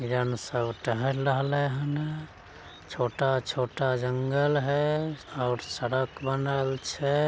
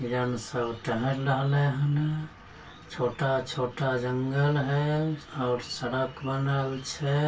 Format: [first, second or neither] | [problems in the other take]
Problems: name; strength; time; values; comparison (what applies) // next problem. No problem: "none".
first | room echo; dies away in 0.2 s